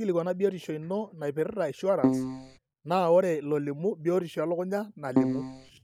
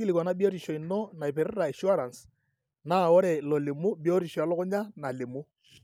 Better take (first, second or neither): second